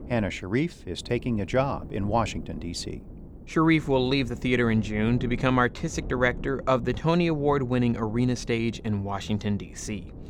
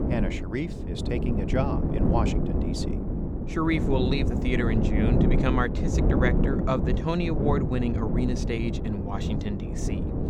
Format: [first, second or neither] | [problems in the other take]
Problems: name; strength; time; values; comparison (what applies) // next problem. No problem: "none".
first | wind noise on the microphone; heavy; 2 dB below the speech; occasional gusts in the first